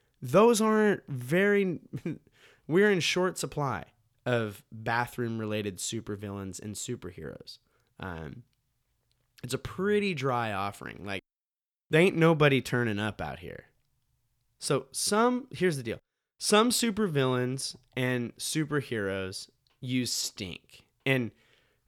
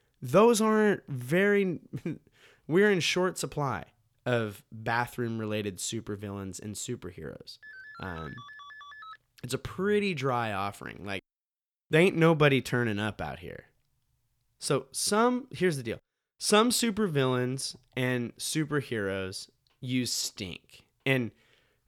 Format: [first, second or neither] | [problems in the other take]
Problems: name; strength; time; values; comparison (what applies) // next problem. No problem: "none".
first | phone ringing; faint; from 7.5 to 9 s; peak 15 dB below the speech